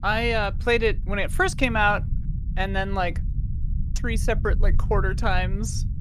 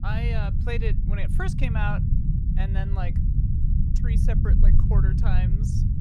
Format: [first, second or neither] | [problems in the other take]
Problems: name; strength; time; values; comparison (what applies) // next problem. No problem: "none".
first | low rumble; loud; throughout; 3 dB below the speech; faint in the first